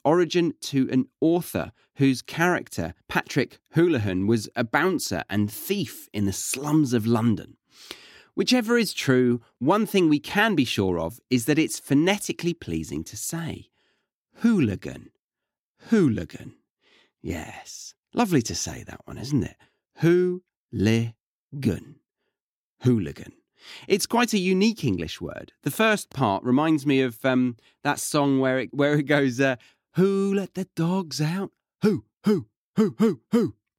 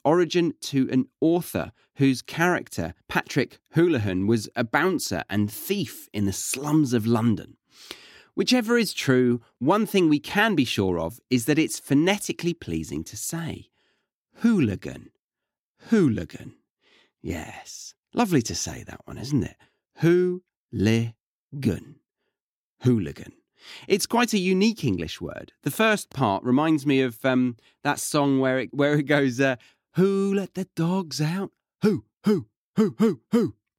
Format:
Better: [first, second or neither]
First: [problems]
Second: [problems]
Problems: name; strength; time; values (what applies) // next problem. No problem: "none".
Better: neither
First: none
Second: none